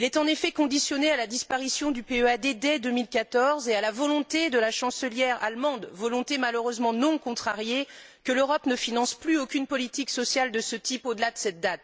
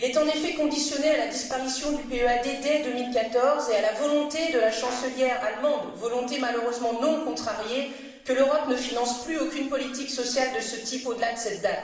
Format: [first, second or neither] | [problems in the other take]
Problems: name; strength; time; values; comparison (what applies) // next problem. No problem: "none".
first | background sound (Brass instrument); 17 dB below the speech // room echo; dies away in 0.9 s